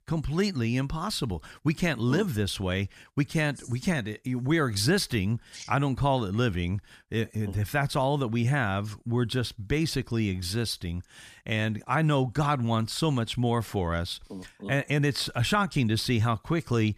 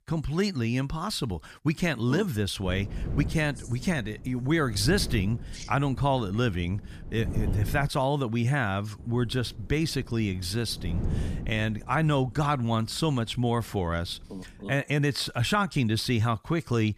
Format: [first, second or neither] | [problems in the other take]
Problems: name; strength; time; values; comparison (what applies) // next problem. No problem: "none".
first | wind noise on the microphone; occasional gusts; from 2.5 to 8 s and from 9 to 15 s; 15 dB below the speech